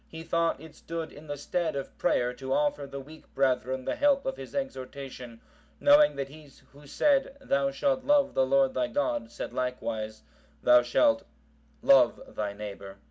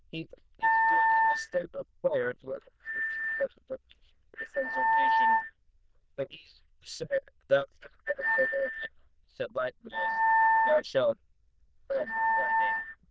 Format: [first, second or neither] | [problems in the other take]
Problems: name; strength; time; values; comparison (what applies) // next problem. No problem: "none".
first | noise reduction (neural diffusion model UNIVERSE++)